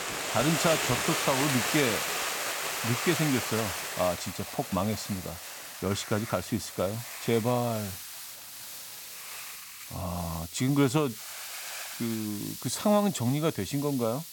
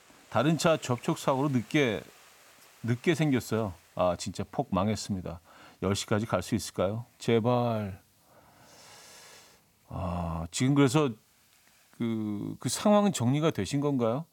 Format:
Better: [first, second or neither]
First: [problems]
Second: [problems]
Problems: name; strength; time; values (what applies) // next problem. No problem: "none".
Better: second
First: hiss; loud; throughout; 4 dB below the speech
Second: hiss; faint; throughout; 30 dB below the speech